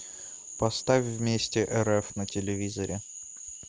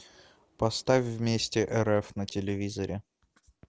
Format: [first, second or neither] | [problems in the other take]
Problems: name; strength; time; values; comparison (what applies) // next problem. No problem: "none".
second | background sound (Frog); 12 dB below the speech